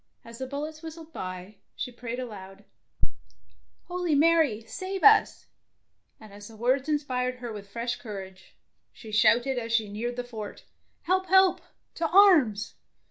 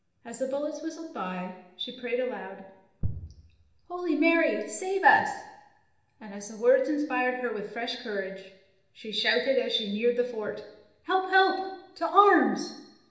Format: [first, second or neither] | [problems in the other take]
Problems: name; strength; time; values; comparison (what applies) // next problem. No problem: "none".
first | room echo; dies away in 0.8 s